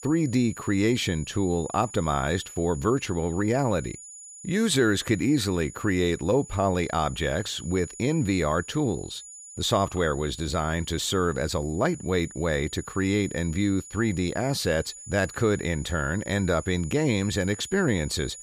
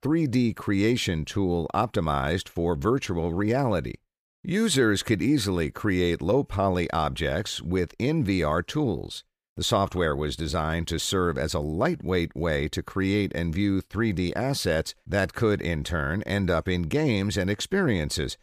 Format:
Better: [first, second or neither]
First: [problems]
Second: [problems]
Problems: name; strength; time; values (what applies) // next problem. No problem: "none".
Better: second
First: high-pitched whine; noticeable; throughout; 7 kHz, 15 dB below the speech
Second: none